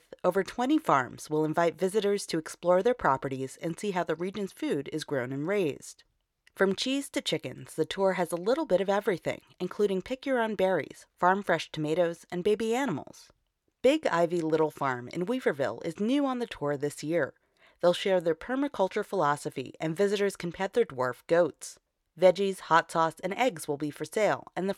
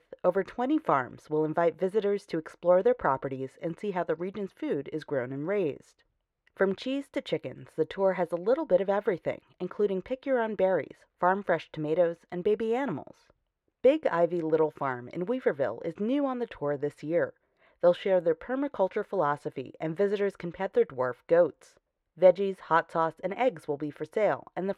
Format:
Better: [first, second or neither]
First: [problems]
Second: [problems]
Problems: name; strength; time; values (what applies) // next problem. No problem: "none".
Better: first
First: none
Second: muffled; very; fading above 4 kHz